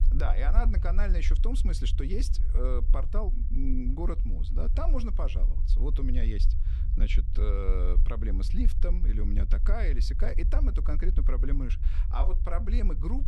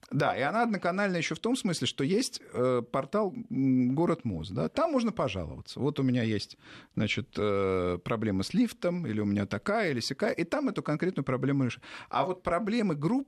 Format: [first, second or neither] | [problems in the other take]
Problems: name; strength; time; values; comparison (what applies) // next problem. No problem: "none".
second | low rumble; noticeable; throughout; 10 dB below the speech